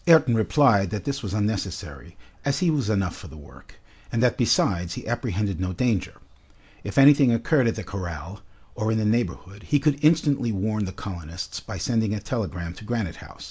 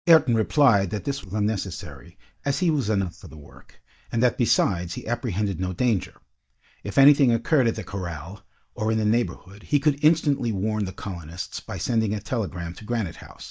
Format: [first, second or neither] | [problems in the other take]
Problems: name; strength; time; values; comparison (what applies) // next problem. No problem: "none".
first | noise reduction (neural mask model DeepFilterNet 3)